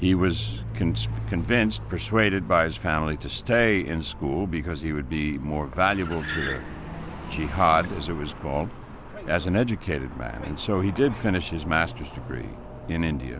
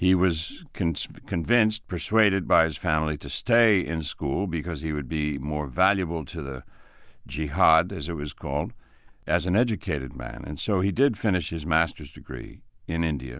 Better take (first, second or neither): second